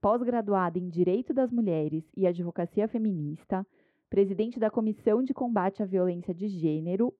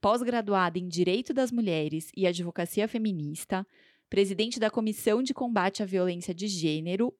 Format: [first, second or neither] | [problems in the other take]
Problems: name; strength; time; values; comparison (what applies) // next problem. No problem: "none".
second | muffled; very; fading above 2.5 kHz